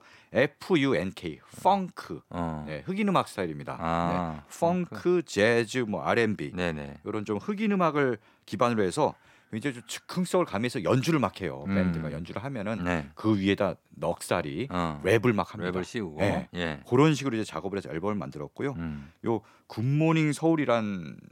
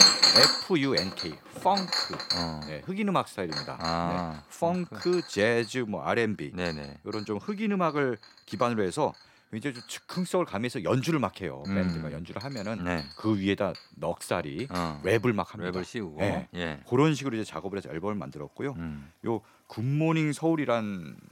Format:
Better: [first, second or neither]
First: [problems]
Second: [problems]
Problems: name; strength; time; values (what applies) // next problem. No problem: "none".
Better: first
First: none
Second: household noises; very loud; throughout; 5 dB above the speech